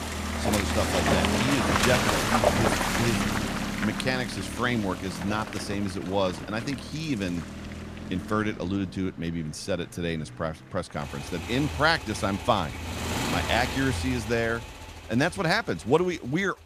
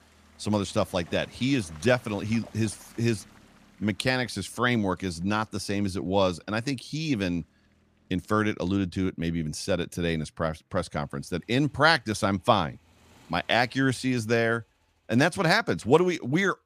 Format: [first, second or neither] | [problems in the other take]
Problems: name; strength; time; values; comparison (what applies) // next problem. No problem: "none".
second | traffic noise; loud; throughout; as loud as the speech; faint in the second